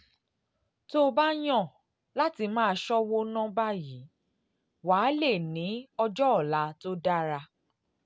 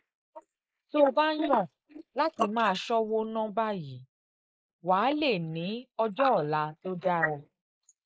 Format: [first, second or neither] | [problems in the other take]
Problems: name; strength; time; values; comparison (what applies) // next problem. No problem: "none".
first | noise reduction (neural mask model Resemble Enhance denoiser)